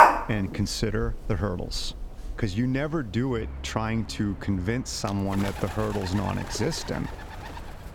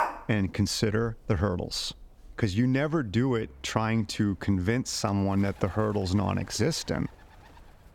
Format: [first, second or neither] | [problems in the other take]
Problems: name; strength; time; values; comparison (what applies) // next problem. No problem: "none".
second | animal sounds; loud; throughout; 5 dB below the speech; faint in the second